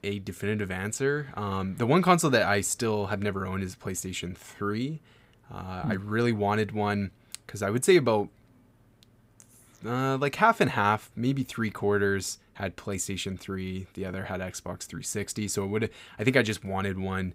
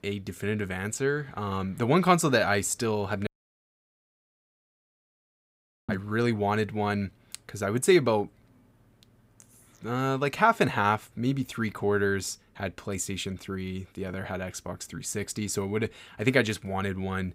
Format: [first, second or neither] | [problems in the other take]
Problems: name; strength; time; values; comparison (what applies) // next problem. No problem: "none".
first | audio cutting out; at 3.5 s for 2.5 s